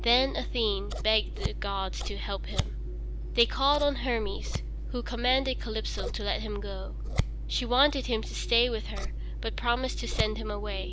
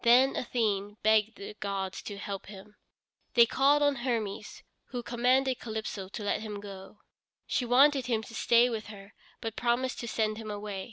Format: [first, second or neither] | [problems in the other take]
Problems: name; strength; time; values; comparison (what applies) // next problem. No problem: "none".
second | background sound (Scissors); 2 dB below the speech